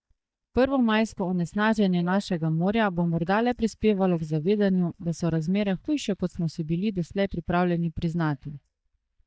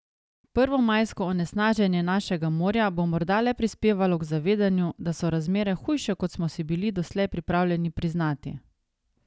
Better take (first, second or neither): second